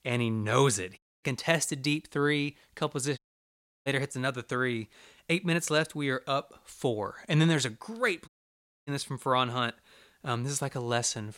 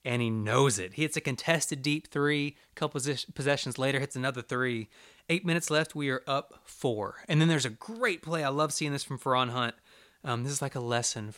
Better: second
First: audio cutting out; at 1 s, at 3 s for 0.5 s and at 8.5 s for 0.5 s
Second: none

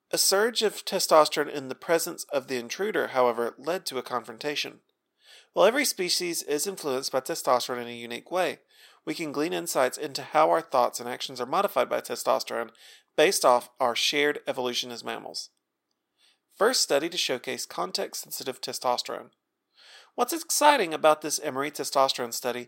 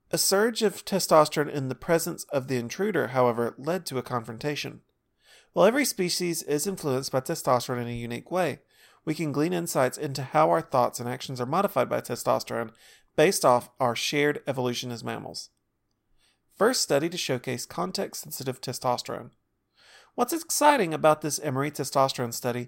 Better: second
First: thin; very slightly; fading below 350 Hz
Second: none

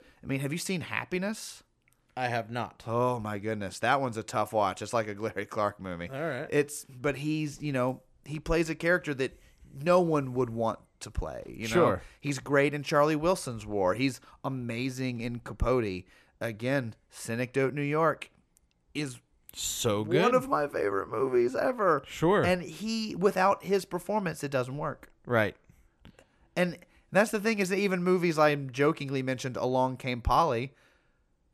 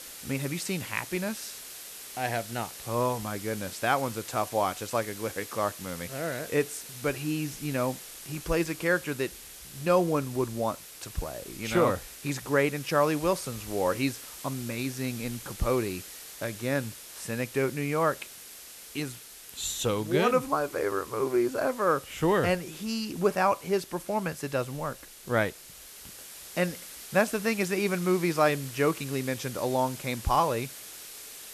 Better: first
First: none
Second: hiss; noticeable; throughout; 15 dB below the speech

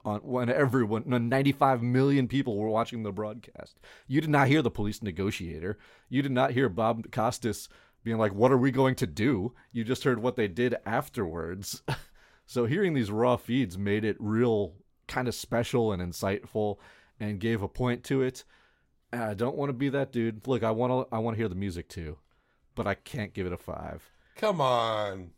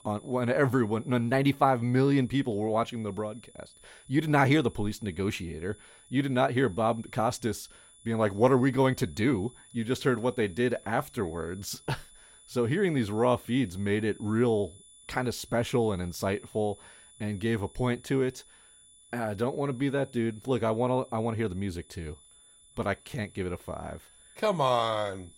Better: first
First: none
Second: high-pitched whine; faint; throughout; 10 kHz, 25 dB below the speech

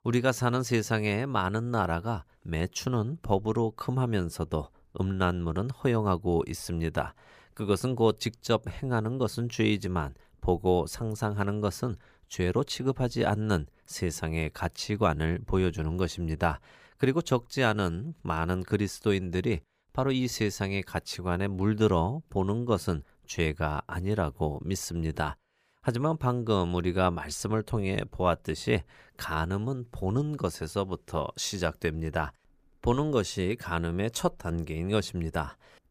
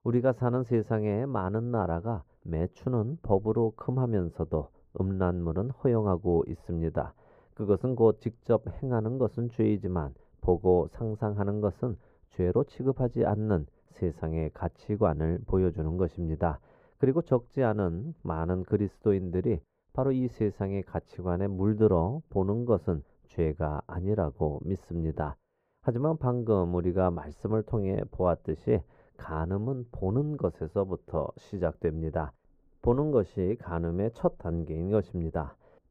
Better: first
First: none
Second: muffled; very; fading above 2 kHz

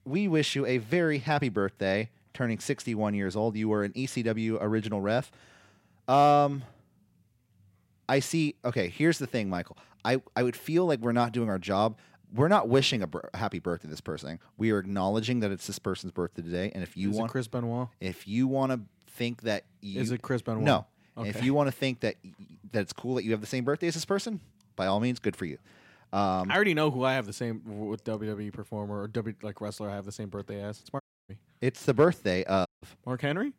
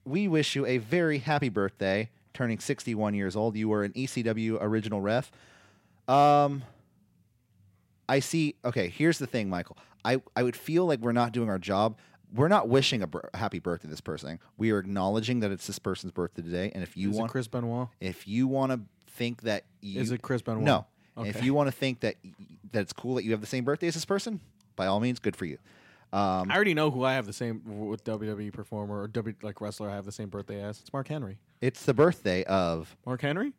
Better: second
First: audio cutting out; at 31 s and at 33 s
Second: none

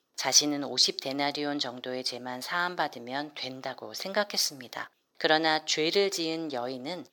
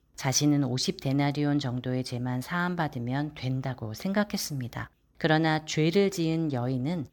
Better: second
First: thin; somewhat; fading below 500 Hz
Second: none

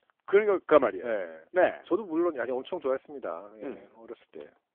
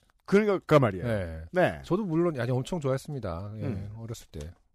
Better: second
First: phone-call audio; nothing above 3.5 kHz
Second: none

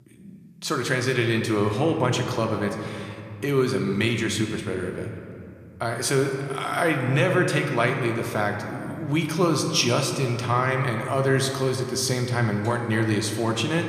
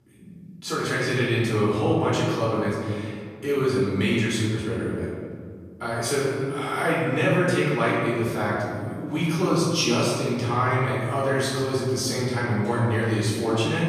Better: first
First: room echo; slight; dies away in 2.1 s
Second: room echo; strong; dies away in 2 s // off-mic speech; far

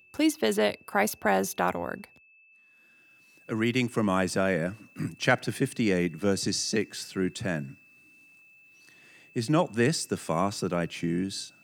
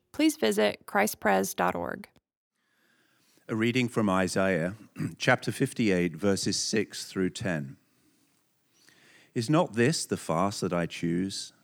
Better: second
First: high-pitched whine; faint; throughout; 2.5 kHz, 30 dB below the speech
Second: none

